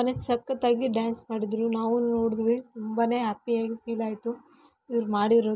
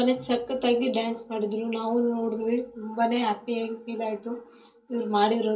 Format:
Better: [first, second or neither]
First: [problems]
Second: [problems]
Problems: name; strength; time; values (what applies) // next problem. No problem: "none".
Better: first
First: none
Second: room echo; dies away in 0.3 s